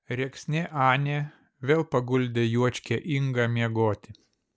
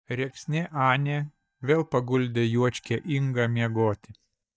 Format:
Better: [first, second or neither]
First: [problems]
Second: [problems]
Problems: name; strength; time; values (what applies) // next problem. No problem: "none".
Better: first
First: none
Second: noise reduction (neural mask model DeepFilterNet 3)